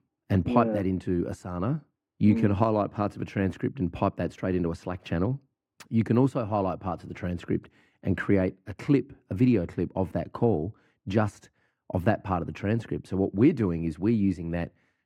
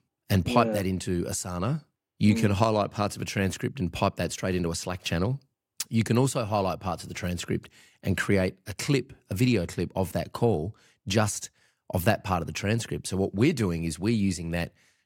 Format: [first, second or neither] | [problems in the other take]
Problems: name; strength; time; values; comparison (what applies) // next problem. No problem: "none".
second | muffled; very; fading above 3 kHz